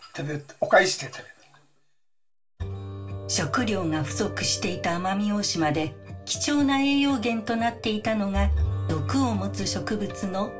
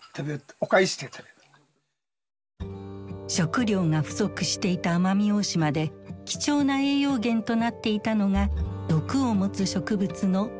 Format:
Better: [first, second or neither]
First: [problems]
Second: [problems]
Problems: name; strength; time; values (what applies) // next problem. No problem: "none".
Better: second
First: room echo; dies away in 0.2 s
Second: none